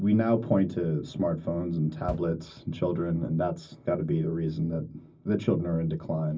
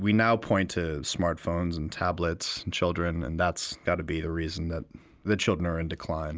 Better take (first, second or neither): second